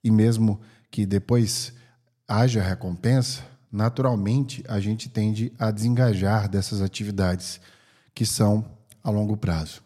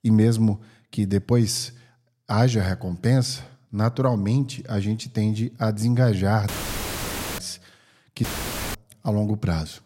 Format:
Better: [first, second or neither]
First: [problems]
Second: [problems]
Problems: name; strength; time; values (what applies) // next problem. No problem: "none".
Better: first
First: none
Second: audio cutting out; filled with static; at 6.5 s for 1 s and at 8 s for 0.5 s